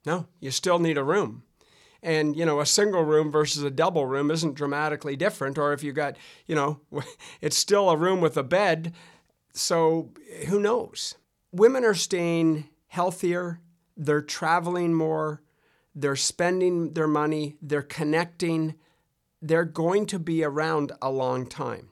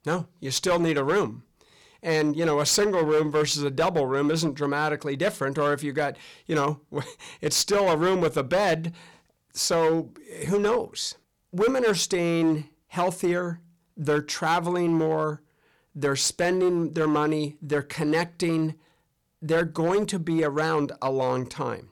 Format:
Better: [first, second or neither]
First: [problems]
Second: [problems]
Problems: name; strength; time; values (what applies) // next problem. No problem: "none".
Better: first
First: none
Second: distortion; slight; 7% of the sound clipped